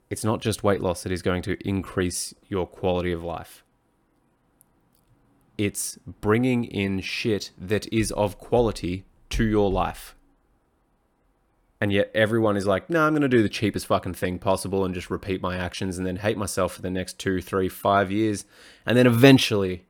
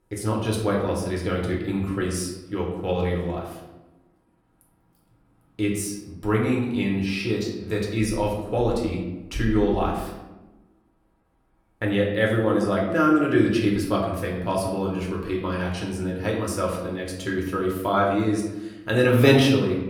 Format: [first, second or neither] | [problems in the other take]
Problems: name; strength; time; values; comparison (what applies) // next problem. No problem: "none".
first | room echo; noticeable; dies away in 0.8 s // off-mic speech; somewhat distant